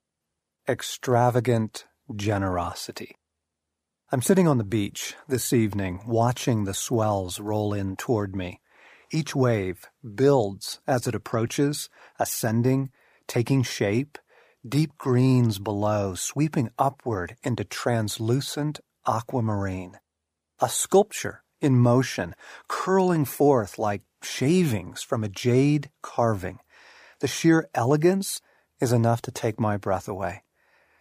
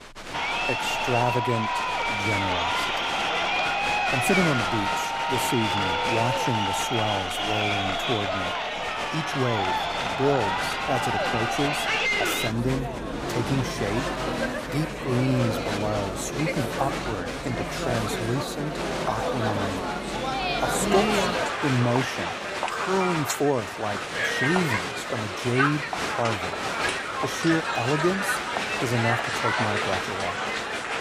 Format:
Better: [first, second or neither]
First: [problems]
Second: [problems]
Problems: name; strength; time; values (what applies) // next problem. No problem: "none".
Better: first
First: none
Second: crowd noise; very loud; throughout; 3 dB above the speech